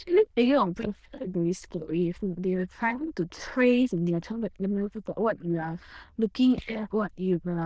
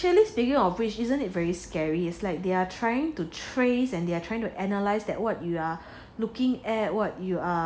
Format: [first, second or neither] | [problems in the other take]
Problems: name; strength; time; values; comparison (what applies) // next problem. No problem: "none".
second | noise reduction (neural diffusion model UNIVERSE++)